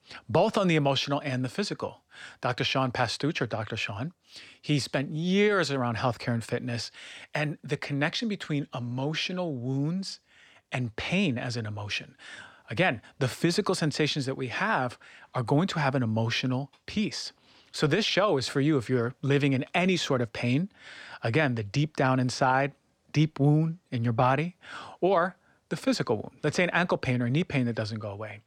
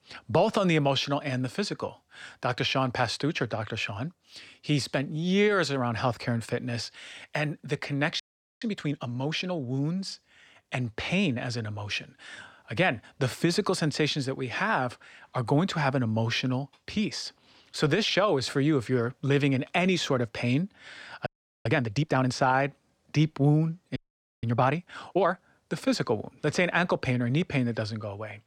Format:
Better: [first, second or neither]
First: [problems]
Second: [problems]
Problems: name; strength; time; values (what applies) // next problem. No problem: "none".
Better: first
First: none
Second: audio freezing; at 8 s, at 21 s and at 24 s